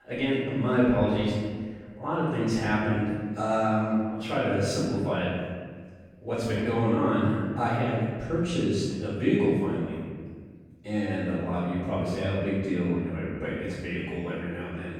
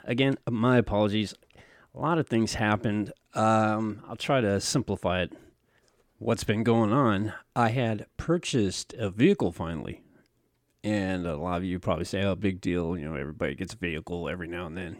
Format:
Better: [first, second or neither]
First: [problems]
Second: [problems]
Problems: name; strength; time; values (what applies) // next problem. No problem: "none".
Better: second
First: off-mic speech; far // room echo; strong; dies away in 1.6 s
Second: none